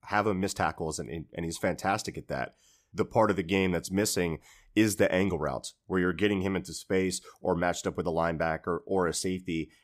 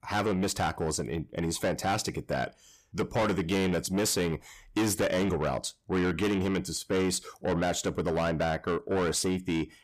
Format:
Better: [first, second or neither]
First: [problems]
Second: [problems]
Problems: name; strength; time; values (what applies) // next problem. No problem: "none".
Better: first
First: none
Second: distortion; heavy; 7 dB below the speech